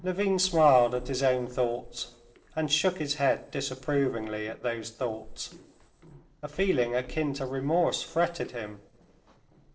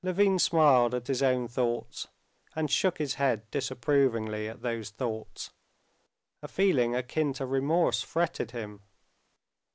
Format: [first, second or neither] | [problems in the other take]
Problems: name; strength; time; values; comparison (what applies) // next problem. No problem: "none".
second | noise reduction (neural separator model SepFormer DNS4)